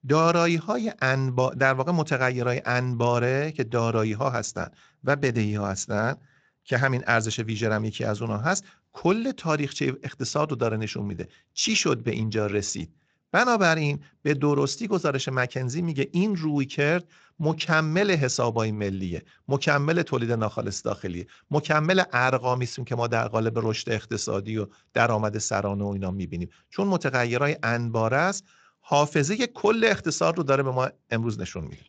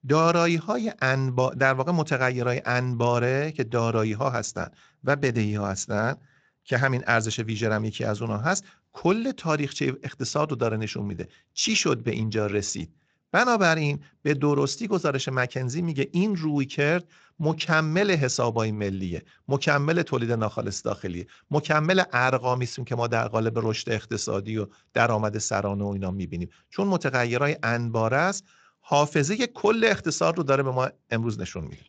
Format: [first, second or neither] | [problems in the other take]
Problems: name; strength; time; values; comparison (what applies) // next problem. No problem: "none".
neither | garbled, watery; slightly; nothing above 7.5 kHz; the same in both